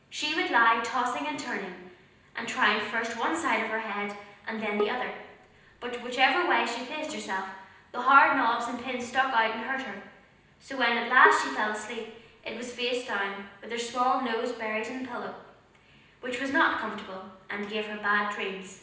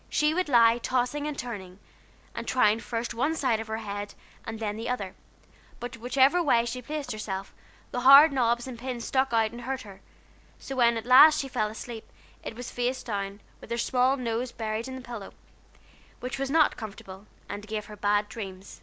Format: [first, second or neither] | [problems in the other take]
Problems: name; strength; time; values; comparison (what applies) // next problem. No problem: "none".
second | background sound (Bowed string instrument); 8 dB below the speech // room echo; dies away in 0.9 s